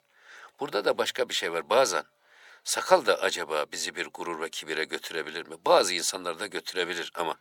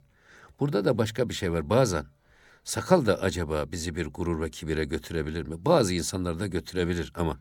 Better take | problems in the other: second | thin; very; fading below 650 Hz

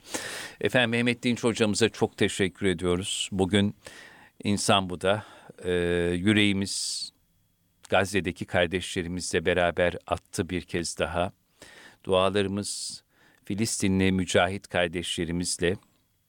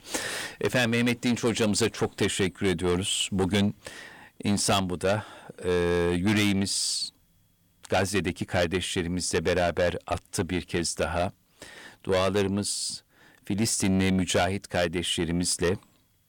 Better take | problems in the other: first | distortion; heavy; 8 dB below the speech

